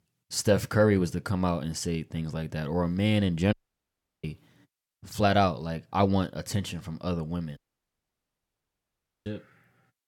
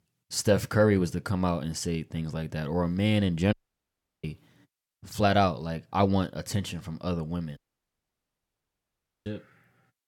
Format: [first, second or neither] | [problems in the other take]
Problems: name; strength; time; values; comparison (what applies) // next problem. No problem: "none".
neither | audio cutting out; at 3.5 s for 0.5 s and at 7.5 s for 1.5 s; the same in both